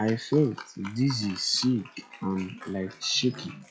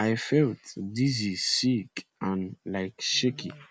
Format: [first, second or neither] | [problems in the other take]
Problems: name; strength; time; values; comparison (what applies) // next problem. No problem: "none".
second | noise reduction (classical method log-MMSE)